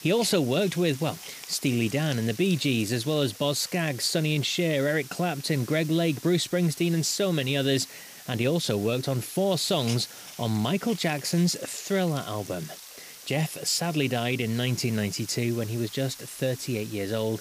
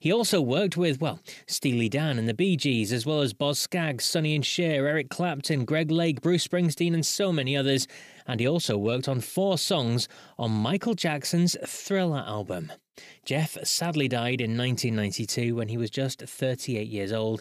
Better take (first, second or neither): second